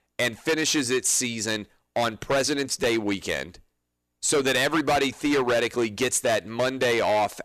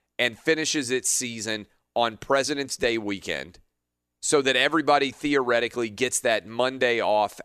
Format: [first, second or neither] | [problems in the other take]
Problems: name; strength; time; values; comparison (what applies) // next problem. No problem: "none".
second | distortion; heavy; 13% of the sound clipped